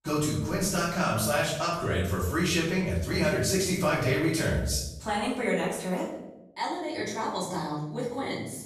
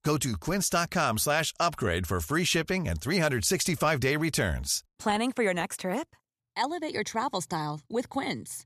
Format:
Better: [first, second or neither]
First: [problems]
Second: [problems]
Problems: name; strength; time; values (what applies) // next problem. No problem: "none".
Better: second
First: off-mic speech; far // room echo; noticeable; dies away in 0.8 s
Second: none